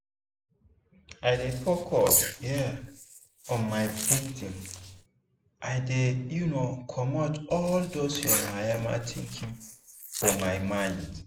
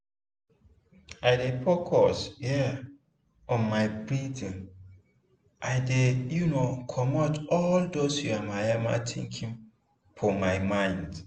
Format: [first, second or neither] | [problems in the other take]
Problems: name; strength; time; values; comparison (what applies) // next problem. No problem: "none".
second | noise reduction (neural mask model Resemble Enhance denoiser)